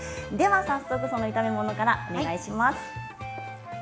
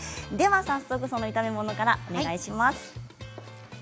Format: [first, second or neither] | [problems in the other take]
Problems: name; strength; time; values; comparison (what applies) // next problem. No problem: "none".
second | background sound (Wind instrument, woodwind instrument); 10 dB below the speech // room echo; dies away in 2.5 s